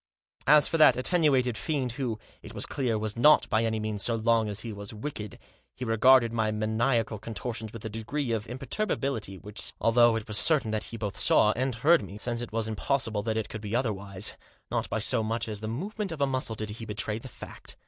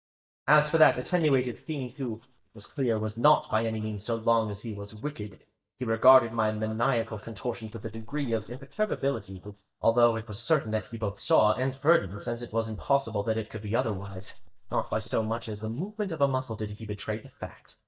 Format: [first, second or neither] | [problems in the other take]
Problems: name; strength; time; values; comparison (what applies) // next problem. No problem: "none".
first | noise reduction (neural mask model DeepFilterNet 3)